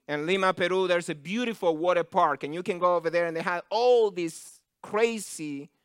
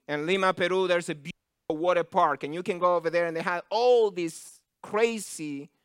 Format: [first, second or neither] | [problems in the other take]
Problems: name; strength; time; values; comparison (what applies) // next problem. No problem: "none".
first | audio cutting out; at 1.5 s